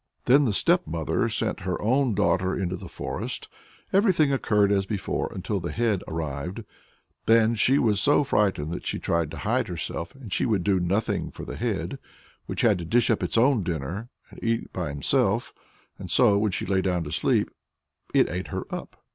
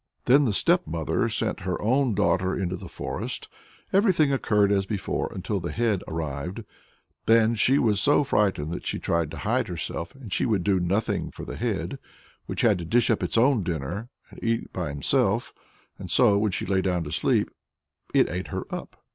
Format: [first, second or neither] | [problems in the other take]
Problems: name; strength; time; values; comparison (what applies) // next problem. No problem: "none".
first | noise reduction (neural mask model Resemble Enhance denoiser)